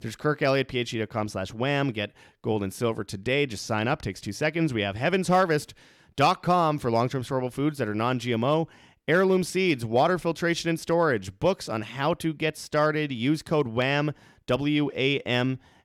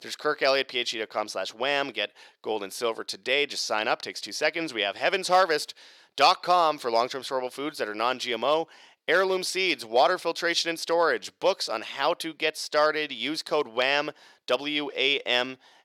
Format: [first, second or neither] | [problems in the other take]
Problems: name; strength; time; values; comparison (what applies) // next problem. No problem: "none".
first | thin; somewhat; fading below 550 Hz